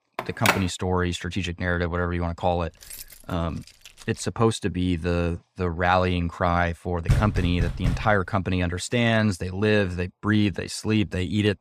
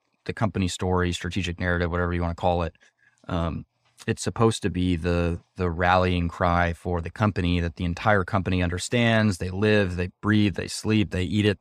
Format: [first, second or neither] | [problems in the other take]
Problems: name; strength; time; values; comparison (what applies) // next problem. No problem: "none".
second | phone ringing; loud; at the start; peak 2 dB above the speech // jangling keys; faint; from 2.5 to 4.5 s; peak 15 dB below the speech // door banging; loud; at 7 s; peak level with the speech